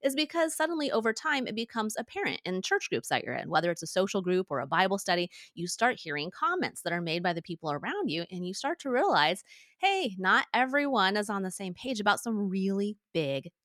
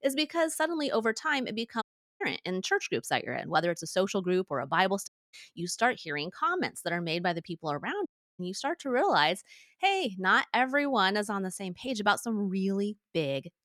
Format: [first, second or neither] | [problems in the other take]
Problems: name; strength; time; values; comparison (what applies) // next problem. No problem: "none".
first | audio cutting out; at 2 s, at 5 s and at 8 s